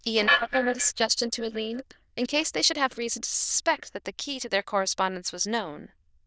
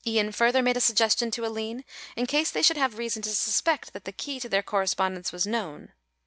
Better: second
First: noise reduction (neural diffusion model UNIVERSE++)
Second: none

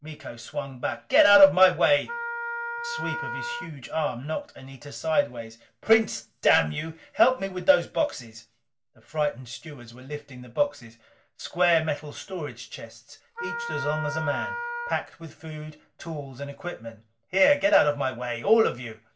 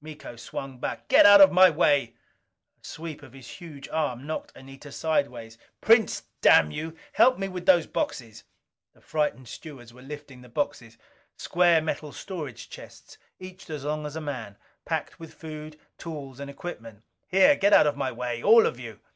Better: second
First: background sound (Wind instrument, woodwind instrument); 6 dB below the speech // room echo; dies away in 0.2 s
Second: none

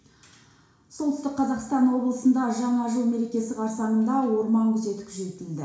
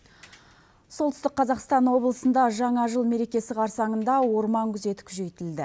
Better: second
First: room echo; dies away in 0.7 s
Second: none

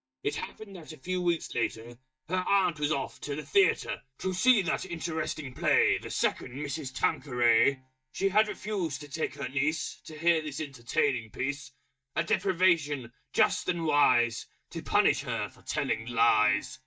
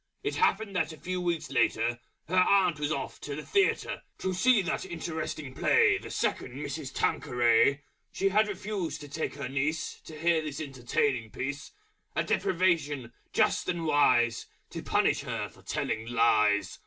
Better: second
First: noise reduction (neural mask model DeepFilterNet 3)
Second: none

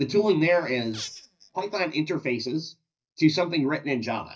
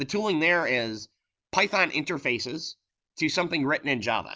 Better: second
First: noise reduction (neural mask model DeepFilterNet 3)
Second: none

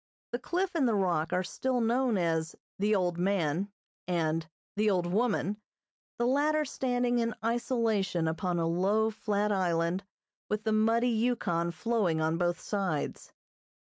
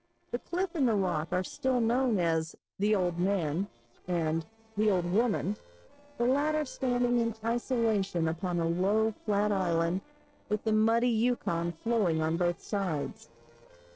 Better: first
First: none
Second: noise reduction (neural separator model SepFormer DNS4)

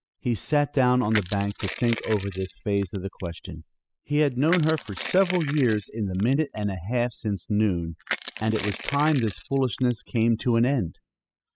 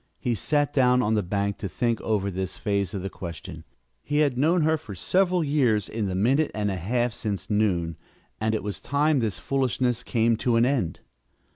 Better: second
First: noise reduction (classical method spectral subtraction)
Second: none

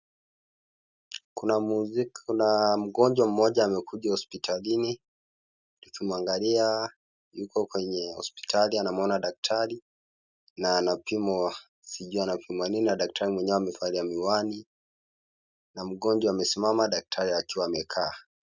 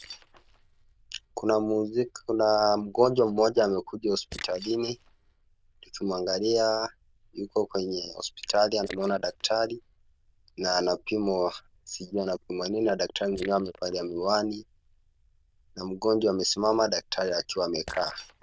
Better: first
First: none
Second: noise reduction (neural diffusion model UNIVERSE++)

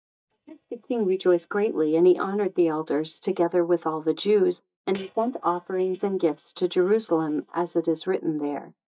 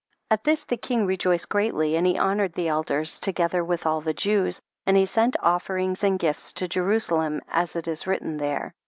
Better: second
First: noise reduction (neural mask model DeepFilterNet 3)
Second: none

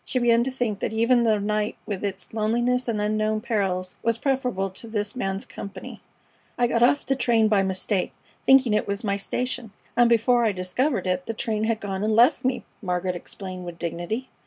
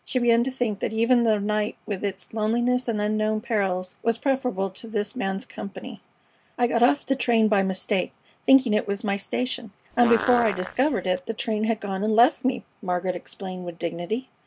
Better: first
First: none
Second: background sound (Fart); 8 dB below the speech

